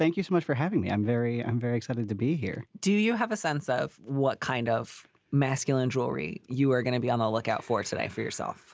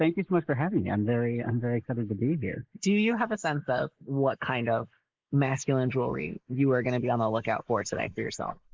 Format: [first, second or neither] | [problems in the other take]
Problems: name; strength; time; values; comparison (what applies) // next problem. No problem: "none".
first | noise reduction (neural mask model Resemble Enhance denoiser)